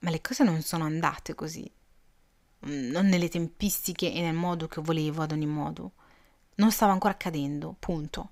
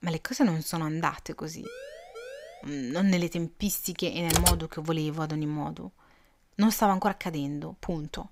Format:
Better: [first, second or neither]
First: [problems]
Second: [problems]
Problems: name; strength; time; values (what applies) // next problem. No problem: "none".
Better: first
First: none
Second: siren; faint; from 1.5 to 2.5 s; peak 15 dB below the speech // keyboard typing; loud; at 4.5 s; peak 6 dB above the speech